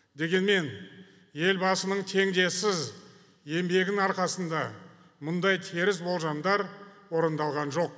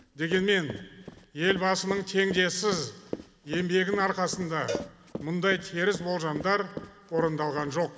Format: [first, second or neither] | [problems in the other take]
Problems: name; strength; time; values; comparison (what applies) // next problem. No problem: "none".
first | background sound (Run + Cowbell); 12 dB below the speech